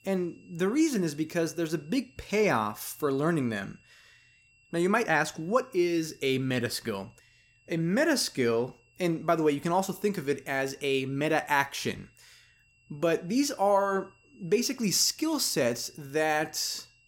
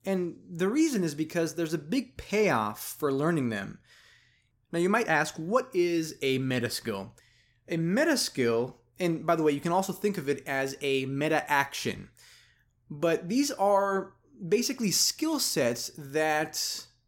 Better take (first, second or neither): second